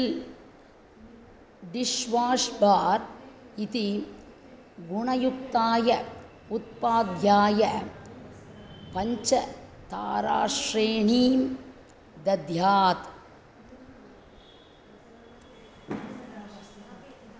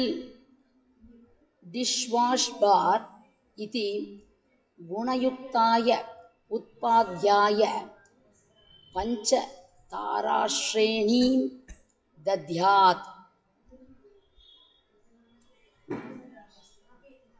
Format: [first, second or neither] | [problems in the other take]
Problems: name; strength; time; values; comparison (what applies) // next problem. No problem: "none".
first | noise reduction (classical method WPE with log-MMSE)